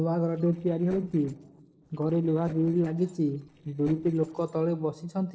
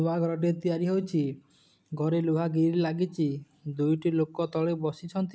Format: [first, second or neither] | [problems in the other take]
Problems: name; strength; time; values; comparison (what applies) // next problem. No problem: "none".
second | noise reduction (neural separator model SepFormer DNS4)